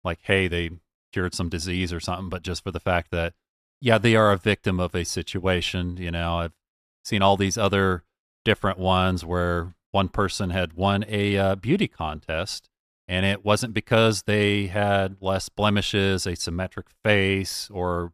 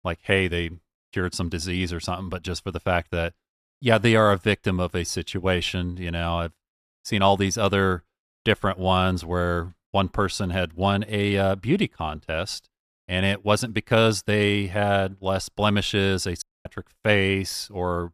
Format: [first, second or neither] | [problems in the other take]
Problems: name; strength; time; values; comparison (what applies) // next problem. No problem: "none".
first | audio cutting out; at 16 s